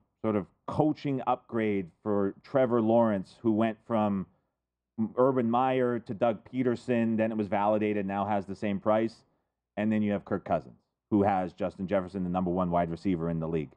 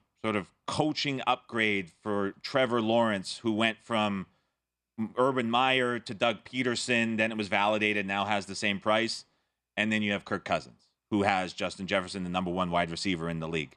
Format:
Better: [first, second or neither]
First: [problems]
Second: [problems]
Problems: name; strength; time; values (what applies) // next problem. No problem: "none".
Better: second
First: muffled; very; fading above 1.5 kHz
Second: none